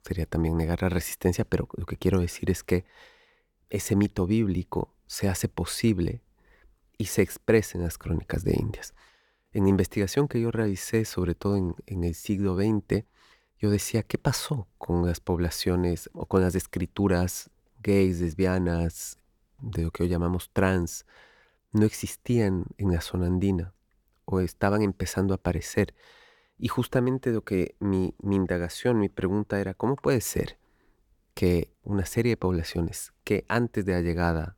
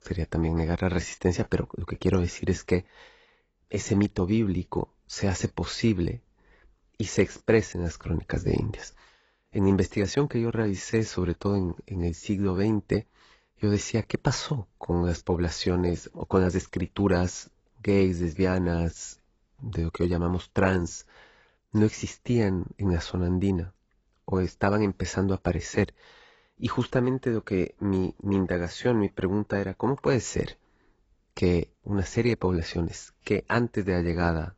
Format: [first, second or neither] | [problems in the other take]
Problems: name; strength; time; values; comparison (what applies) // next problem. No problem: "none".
first | garbled, watery; badly; nothing above 7.5 kHz